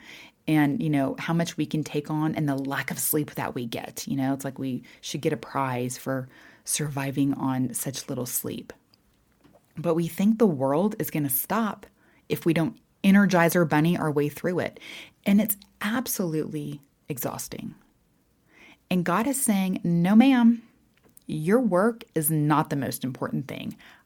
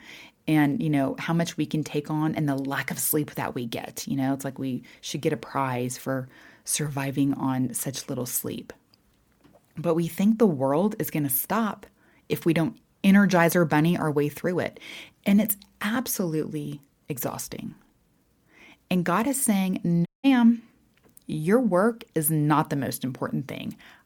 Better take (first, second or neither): first